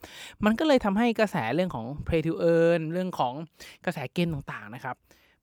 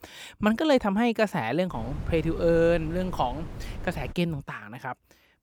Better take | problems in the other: first | wind noise on the microphone; occasional gusts; from 1.5 to 4 s; 20 dB below the speech

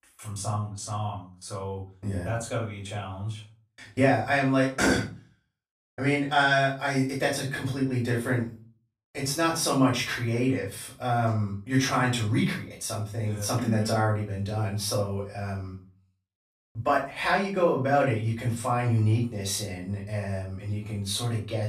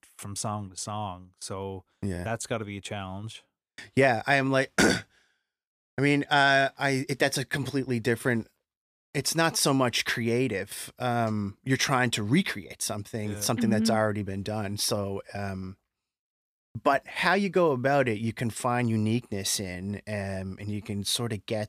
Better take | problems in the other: second | off-mic speech; far // room echo; slight; dies away in 0.3 s

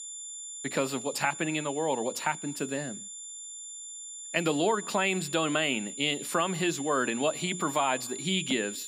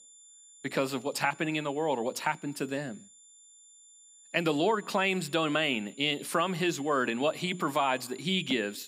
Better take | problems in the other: second | high-pitched whine; loud; throughout; 7 kHz, 9 dB below the speech; faint in the second

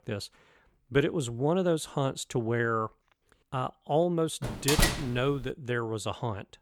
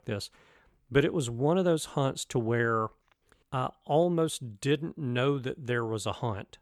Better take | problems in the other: second | door banging; loud; at 4.5 s; peak 4 dB above the speech

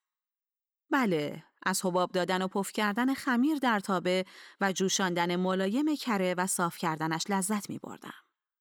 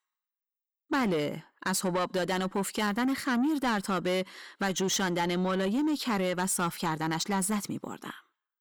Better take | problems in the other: first | distortion; slight; 10 dB below the speech

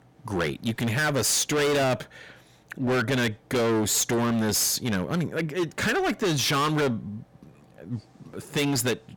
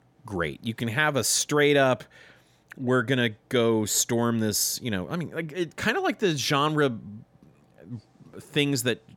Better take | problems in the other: second | distortion; heavy; 20% of the sound clipped

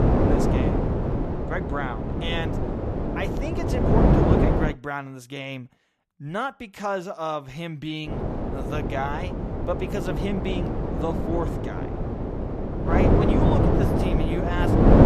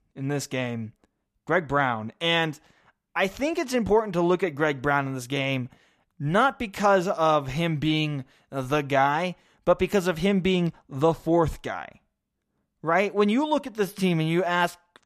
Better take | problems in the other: second | wind noise on the microphone; heavy; until 4.5 s and from 8 s on; 3 dB above the speech

